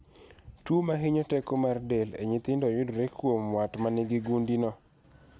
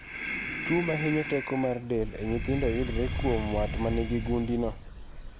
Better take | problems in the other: first | background sound (Breathing); 4 dB below the speech

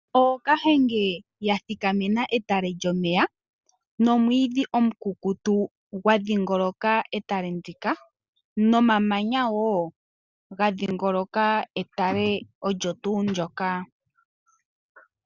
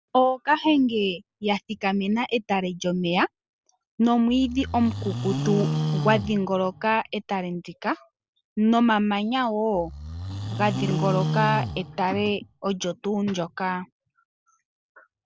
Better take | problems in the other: first | background sound (Livestock, farm animals, working animals); 4 dB below the speech

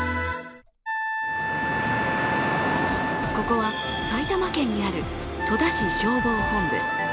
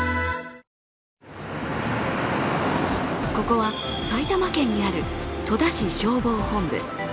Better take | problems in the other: second | background sound (Wind instrument, woodwind instrument); 2 dB below the speech

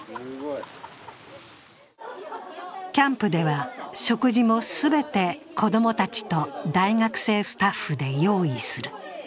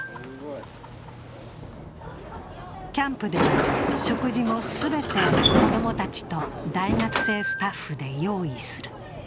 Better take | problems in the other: first | background sound (Sliding door); 2 dB above the speech

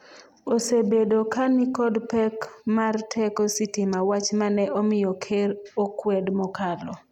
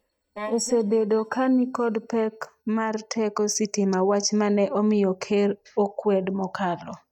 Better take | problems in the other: first | noise reduction (neural mask model DeepFilterNet 3)

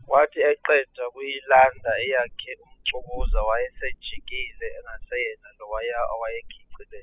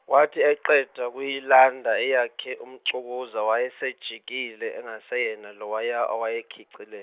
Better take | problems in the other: second | noise reduction (classical method spectral subtraction)

